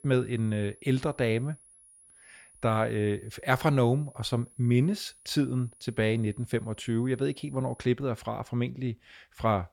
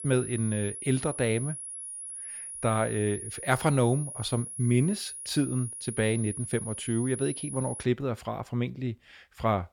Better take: first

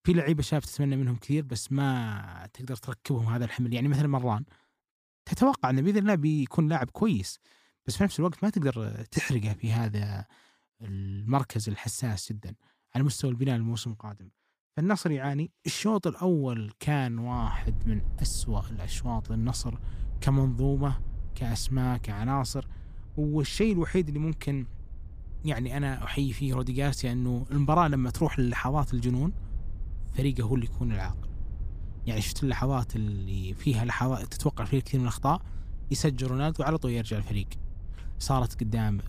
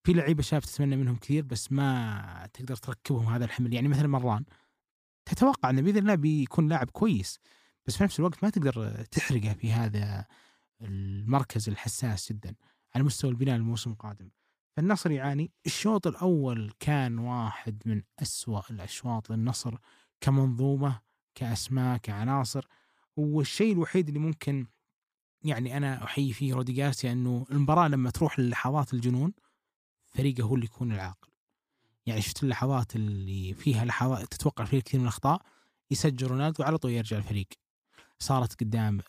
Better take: second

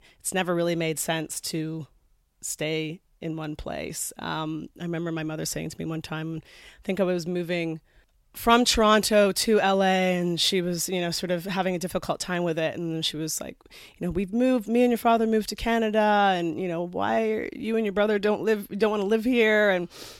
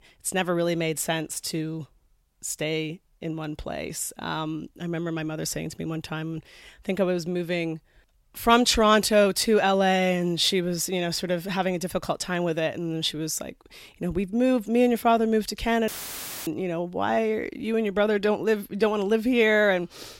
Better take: first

